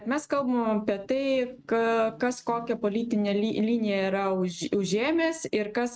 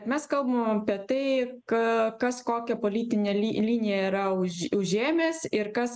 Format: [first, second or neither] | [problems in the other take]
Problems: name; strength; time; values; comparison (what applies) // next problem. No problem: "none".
second | noise reduction (neural mask model RNNoise)